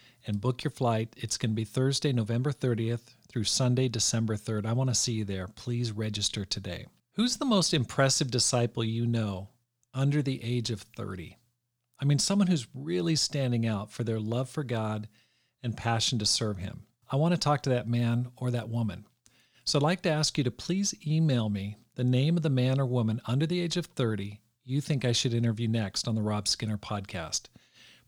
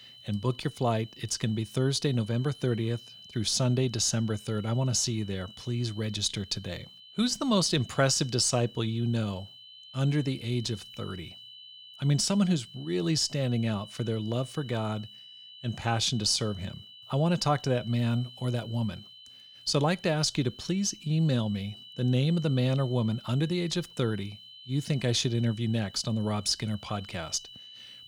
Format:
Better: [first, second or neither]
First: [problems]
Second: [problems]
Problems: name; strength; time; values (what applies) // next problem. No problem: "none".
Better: first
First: none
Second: high-pitched whine; noticeable; throughout; 3 kHz, 20 dB below the speech